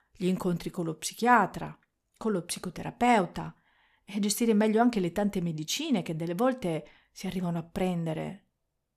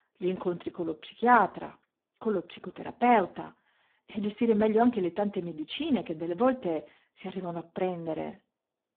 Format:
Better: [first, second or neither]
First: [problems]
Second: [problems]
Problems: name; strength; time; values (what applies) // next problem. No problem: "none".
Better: first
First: none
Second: phone-call audio; poor line